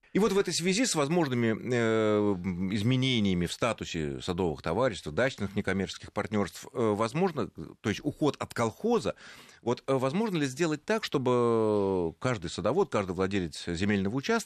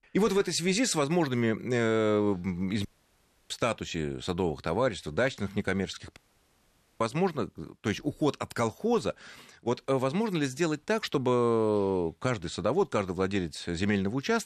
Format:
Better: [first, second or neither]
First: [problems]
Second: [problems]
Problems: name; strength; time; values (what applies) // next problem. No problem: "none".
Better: first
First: none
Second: audio cutting out; at 3 s for 0.5 s and at 6 s for 1 s